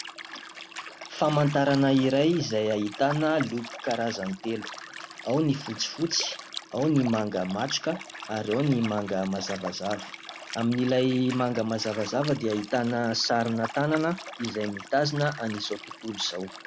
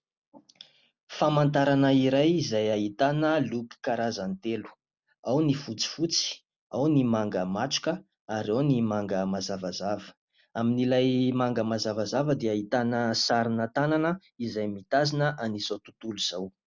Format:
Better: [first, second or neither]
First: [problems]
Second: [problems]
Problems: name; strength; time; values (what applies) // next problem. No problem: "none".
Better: second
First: background sound (Liquid); 13 dB below the speech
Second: none